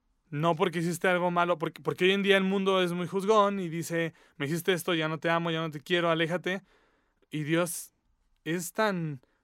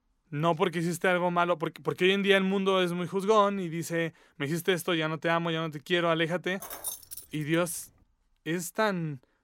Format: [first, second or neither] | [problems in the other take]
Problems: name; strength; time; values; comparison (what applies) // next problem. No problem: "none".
first | jangling keys; noticeable; at 6.5 s; peak 7 dB below the speech